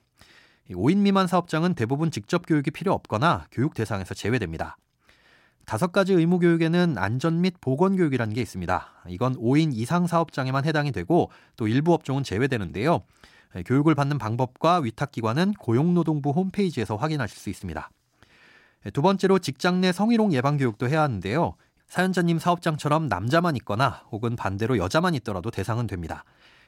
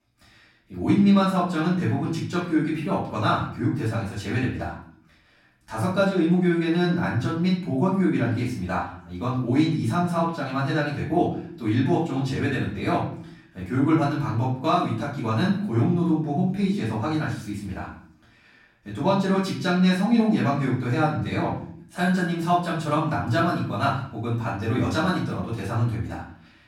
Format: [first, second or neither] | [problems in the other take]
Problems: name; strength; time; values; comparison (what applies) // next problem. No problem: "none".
first | off-mic speech; far // room echo; noticeable; dies away in 0.5 s